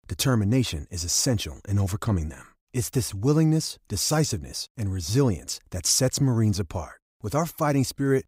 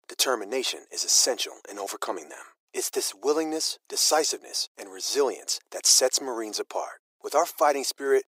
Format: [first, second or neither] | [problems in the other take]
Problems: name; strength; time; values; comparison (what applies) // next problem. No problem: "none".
first | thin; very; fading below 350 Hz